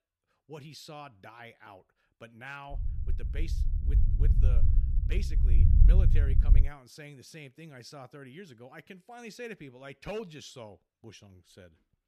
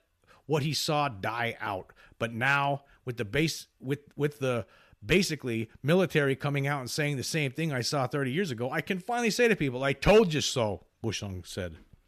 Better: second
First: low rumble; loud; from 2.5 to 6.5 s; 1 dB below the speech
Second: none

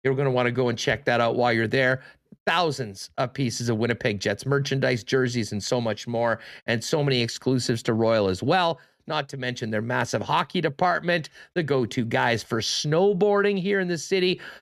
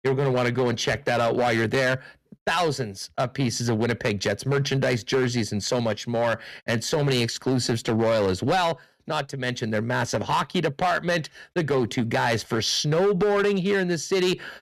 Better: first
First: none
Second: distortion; slight; 9% of the sound clipped

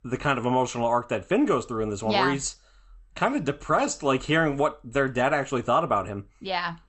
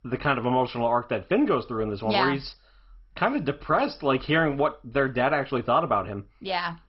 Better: first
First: garbled, watery; slightly; nothing above 8 kHz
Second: garbled, watery; badly; nothing above 5.5 kHz

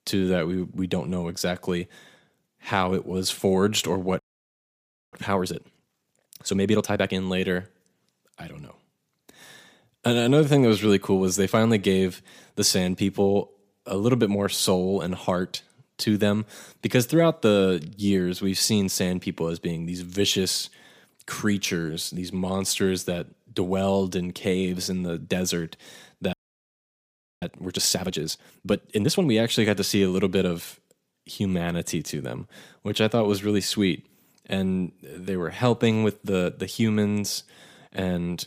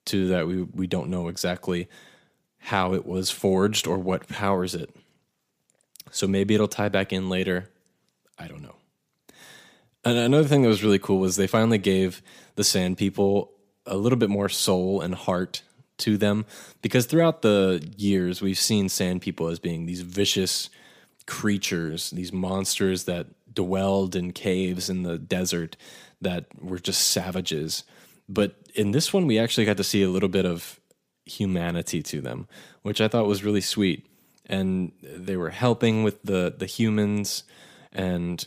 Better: second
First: audio freezing; at 4 s for 1 s and at 26 s for 1 s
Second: none

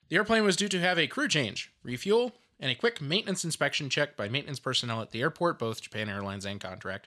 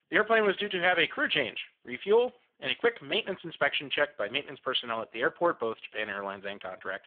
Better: first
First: none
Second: phone-call audio; poor line

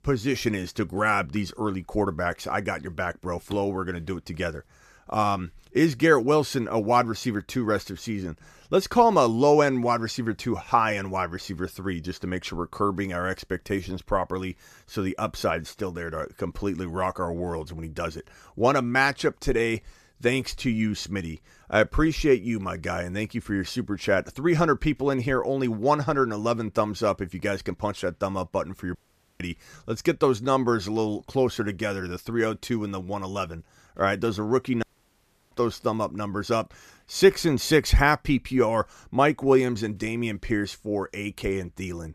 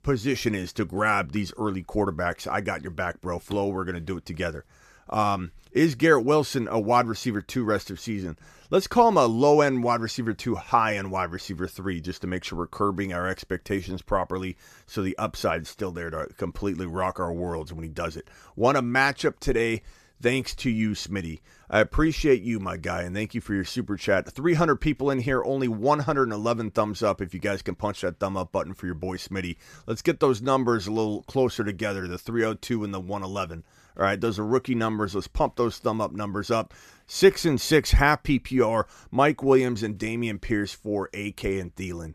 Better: second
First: audio cutting out; at 29 s and at 35 s for 0.5 s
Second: none

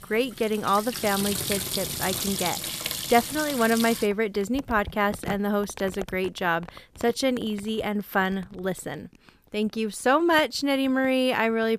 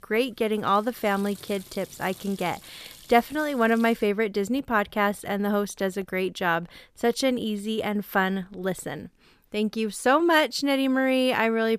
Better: second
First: household noises; loud; throughout; 6 dB below the speech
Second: household noises; faint; throughout; 20 dB below the speech

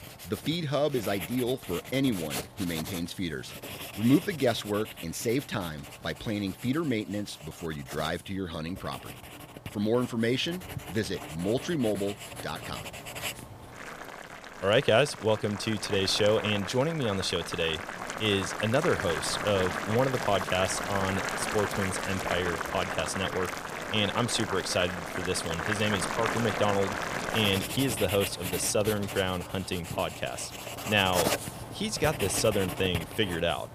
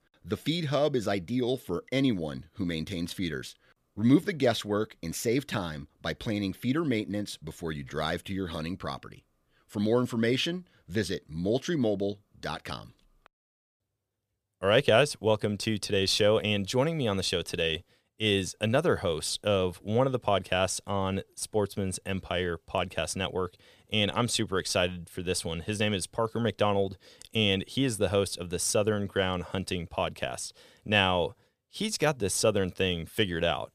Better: second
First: household noises; loud; throughout; 6 dB below the speech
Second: none

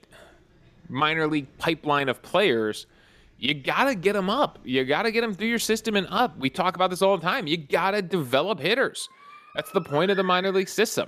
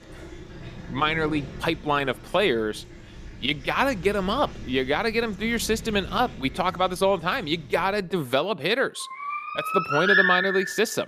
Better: first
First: animal sounds; faint; throughout; 20 dB below the speech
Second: animal sounds; loud; throughout; 3 dB below the speech

